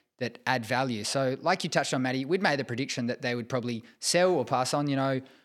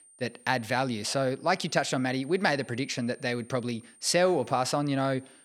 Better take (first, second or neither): first